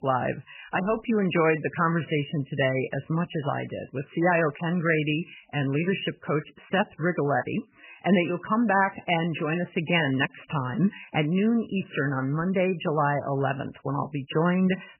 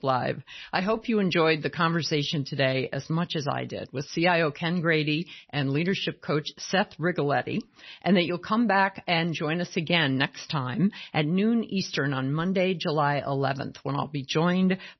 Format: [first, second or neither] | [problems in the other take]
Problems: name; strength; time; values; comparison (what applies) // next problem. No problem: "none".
second | garbled, watery; badly; nothing above 3 kHz; slightly in the second